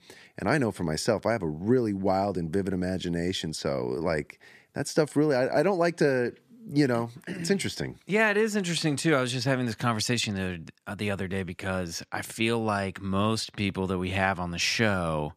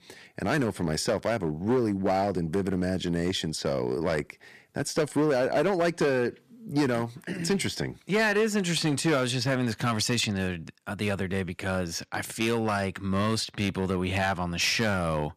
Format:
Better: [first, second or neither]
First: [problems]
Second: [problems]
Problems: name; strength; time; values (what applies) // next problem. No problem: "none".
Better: first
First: none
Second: distortion; slight; 6% of the sound clipped